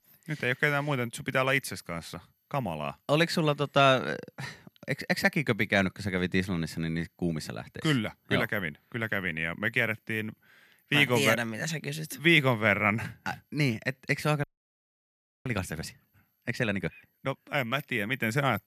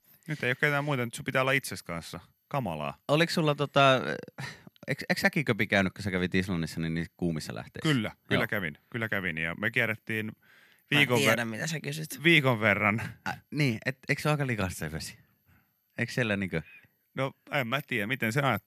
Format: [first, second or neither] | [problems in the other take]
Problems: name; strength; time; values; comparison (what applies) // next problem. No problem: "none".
second | audio freezing; at 14 s for 1 s